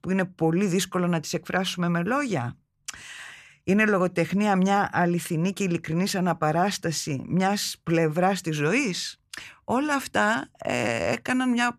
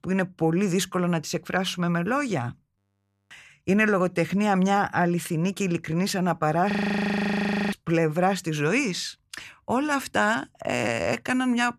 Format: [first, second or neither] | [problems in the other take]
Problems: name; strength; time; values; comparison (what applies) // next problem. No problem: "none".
first | audio freezing; at 3 s for 0.5 s and at 6.5 s for 1 s